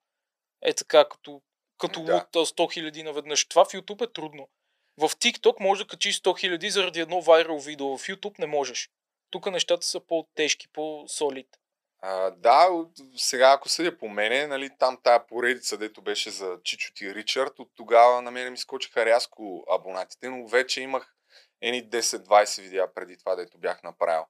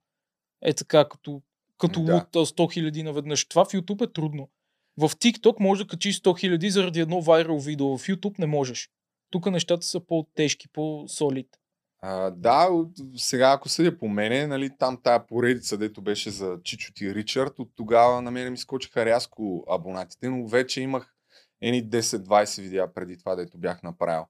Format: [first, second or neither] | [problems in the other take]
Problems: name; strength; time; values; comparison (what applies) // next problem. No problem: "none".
second | thin; very; fading below 550 Hz